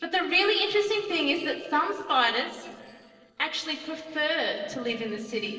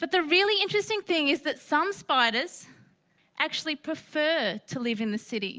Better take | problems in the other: second | noise reduction (neural separator model SepFormer DNS4)

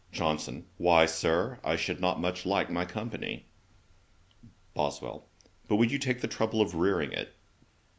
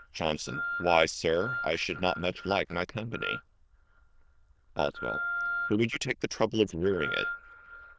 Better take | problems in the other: first | noise reduction (neural diffusion model UNIVERSE++)

